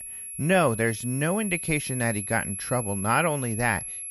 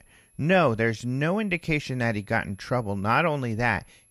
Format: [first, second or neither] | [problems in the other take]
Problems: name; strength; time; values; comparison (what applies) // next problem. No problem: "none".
second | high-pitched whine; loud; throughout; 11 kHz, 6 dB below the speech; faint in the second